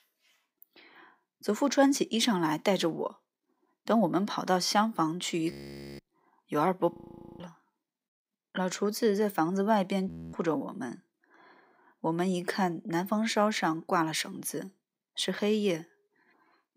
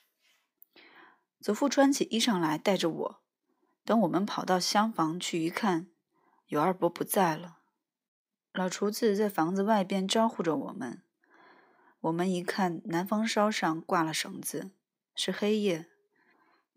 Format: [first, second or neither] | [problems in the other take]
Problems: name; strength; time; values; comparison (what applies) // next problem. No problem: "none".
second | audio freezing; at 5.5 s, at 7 s and at 10 s